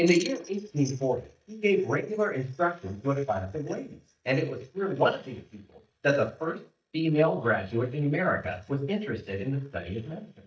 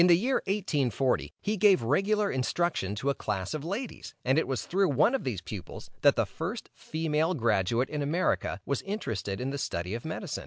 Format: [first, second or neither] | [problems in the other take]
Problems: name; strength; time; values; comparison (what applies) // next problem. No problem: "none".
second | noise reduction (neural mask model DeepFilterNet 3)